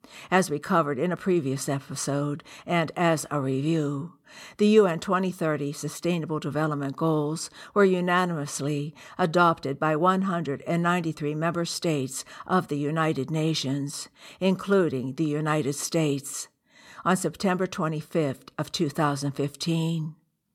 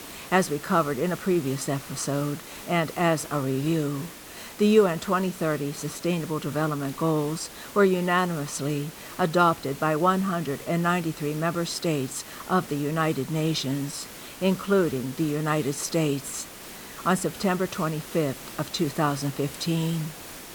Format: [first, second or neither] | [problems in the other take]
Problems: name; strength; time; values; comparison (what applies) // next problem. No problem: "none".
first | hiss; noticeable; throughout; 15 dB below the speech